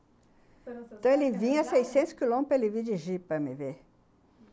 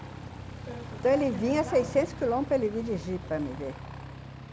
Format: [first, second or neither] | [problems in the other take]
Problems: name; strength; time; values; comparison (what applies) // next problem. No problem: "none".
first | background sound (Aircraft); 11 dB below the speech